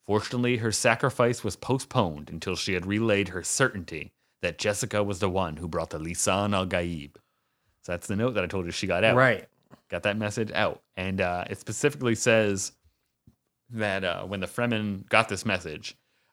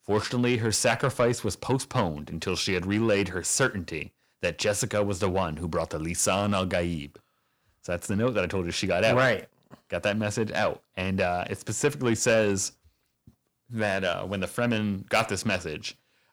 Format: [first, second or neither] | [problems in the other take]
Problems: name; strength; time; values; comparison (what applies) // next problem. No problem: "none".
first | distortion; slight; 10 dB below the speech